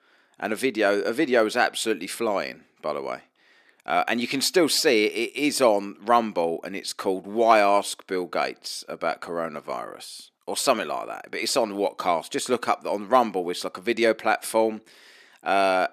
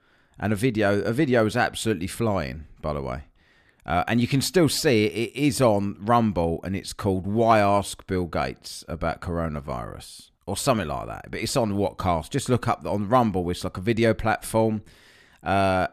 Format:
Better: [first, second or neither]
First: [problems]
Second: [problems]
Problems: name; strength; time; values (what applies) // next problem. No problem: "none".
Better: second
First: thin; somewhat; fading below 300 Hz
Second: none